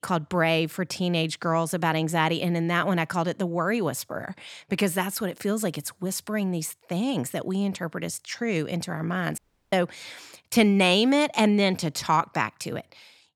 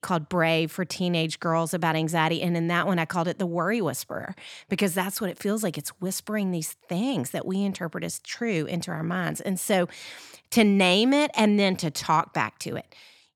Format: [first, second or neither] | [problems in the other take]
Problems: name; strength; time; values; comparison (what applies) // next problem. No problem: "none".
second | audio cutting out; at 9.5 s